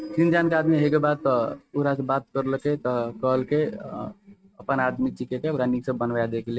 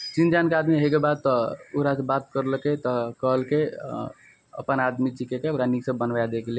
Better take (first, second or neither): second